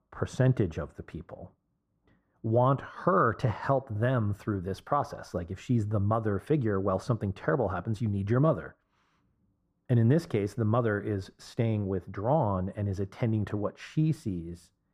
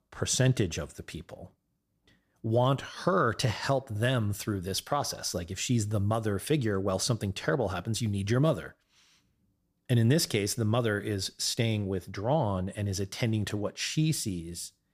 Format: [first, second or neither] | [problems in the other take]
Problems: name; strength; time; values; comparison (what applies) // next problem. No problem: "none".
second | muffled; very; fading above 2.5 kHz